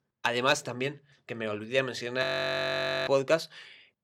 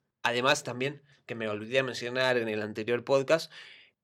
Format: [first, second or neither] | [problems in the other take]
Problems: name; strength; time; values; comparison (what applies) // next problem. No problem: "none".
second | audio freezing; at 2 s for 1 s